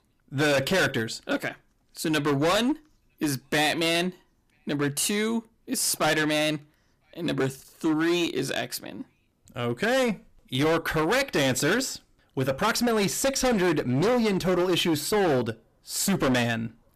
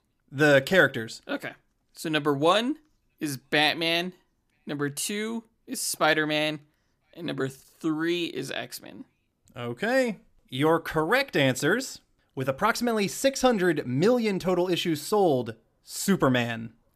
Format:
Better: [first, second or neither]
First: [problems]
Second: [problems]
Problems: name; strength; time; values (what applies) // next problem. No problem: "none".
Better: second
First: distortion; heavy; 16% of the sound clipped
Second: none